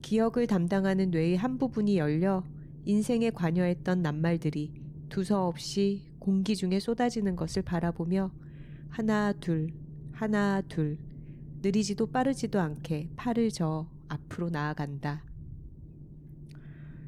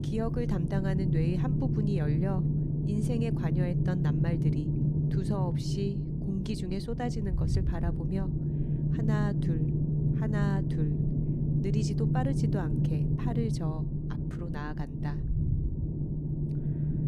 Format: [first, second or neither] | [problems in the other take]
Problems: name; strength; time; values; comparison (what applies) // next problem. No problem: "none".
first | low rumble; loud; throughout; as loud as the speech; faint in the first